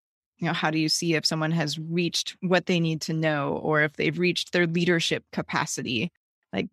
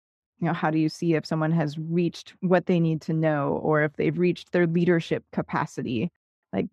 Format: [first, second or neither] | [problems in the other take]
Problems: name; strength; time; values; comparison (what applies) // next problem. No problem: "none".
first | muffled; very; fading above 2 kHz